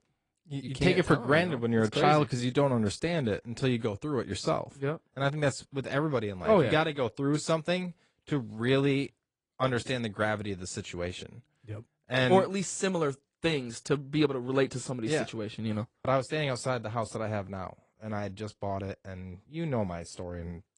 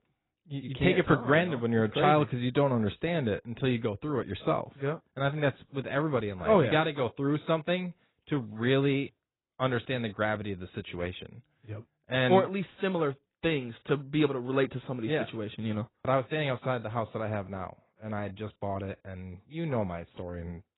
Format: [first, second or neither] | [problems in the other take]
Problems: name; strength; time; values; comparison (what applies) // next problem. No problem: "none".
first | garbled, watery; badly; nothing above 4 kHz; slightly in the first